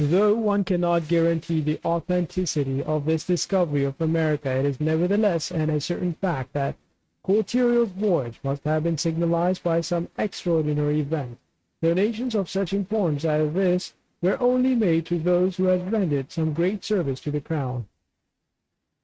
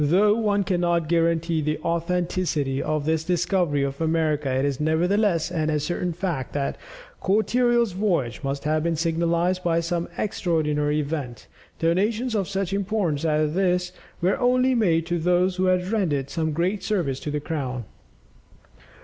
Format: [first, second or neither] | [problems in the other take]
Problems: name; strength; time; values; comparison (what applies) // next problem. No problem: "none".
second | noise reduction (neural mask model RNNoise)